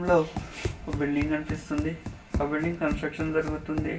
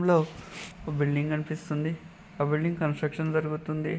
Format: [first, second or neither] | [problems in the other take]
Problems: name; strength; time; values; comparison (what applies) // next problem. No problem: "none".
second | background sound (Run); 6 dB below the speech // room echo; dies away in 0.2 s